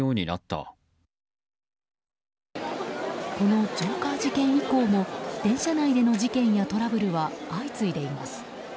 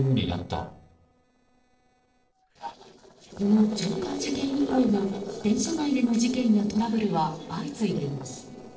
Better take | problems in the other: first | noise reduction (neural separator model SepFormer DNS4)

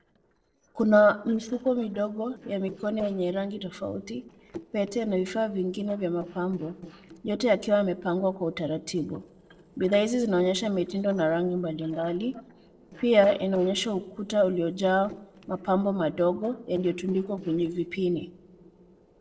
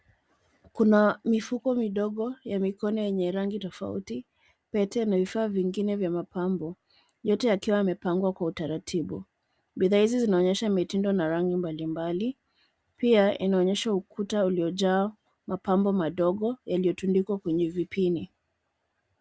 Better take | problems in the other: second | noise reduction (neural separator model SepFormer DNS4)

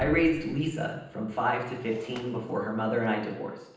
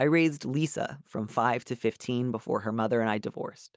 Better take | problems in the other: second | background sound (Shatter); 16 dB below the speech // room echo; dies away in 0.9 s

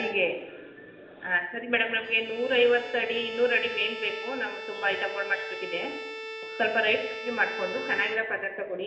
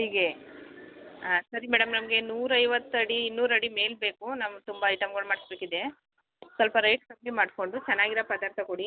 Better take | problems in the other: second | background sound (Bowed string instrument); 10 dB below the speech // room echo; dies away in 0.8 s

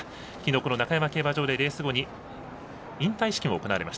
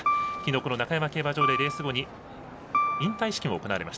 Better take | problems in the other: first | background sound (Piano); 1 dB below the speech

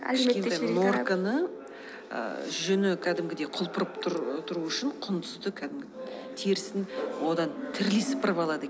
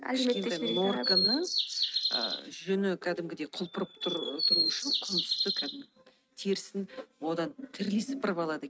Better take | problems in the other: first | noise reduction (neural mask model RNNoise)

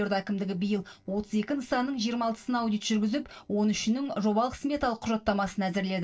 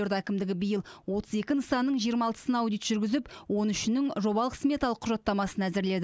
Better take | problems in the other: second | noise reduction (neural separator model SepFormer DNS4)

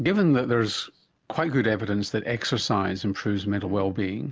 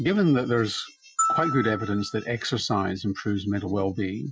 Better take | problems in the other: first | noise reduction (classical method Wiener filter)

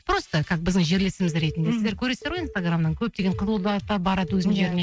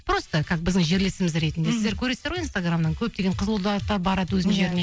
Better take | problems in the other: second | noise reduction (neural mask model RNNoise)

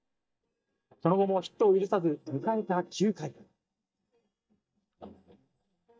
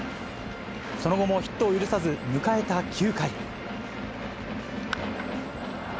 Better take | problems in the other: second | noise reduction (neural mask model DeepFilterNet 3)

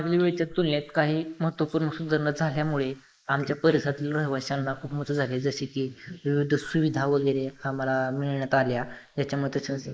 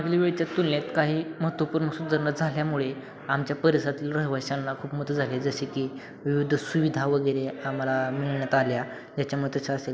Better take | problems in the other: second | noise reduction (neural mask model Resemble Enhance denoiser)

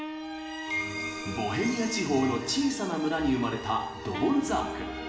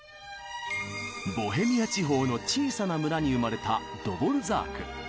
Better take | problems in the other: second | background sound (Wind instrument, woodwind instrument); 11 dB below the speech // room echo; dies away in 0.8 s

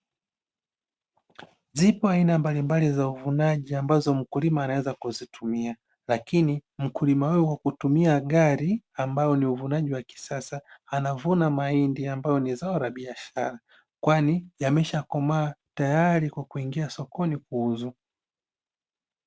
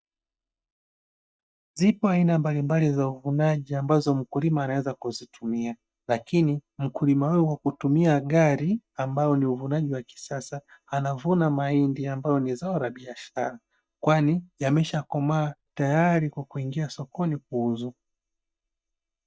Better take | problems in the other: first | noise reduction (neural mask model DeepFilterNet 3)

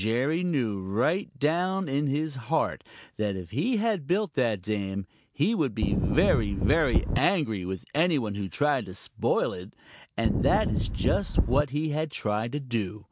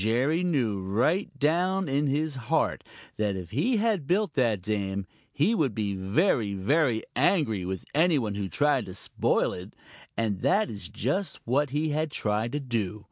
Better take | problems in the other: second | background sound (Wind); 1 dB above the speech

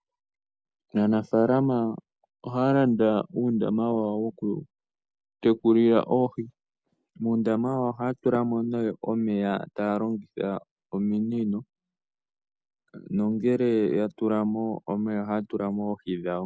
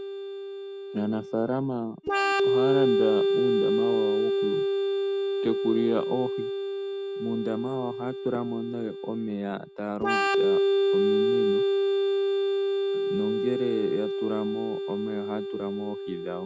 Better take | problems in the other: first | background sound (Organ); 5 dB above the speech

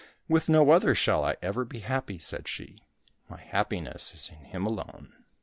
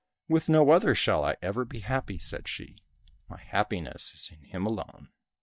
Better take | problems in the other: first | noise reduction (neural mask model DeepFilterNet 3)

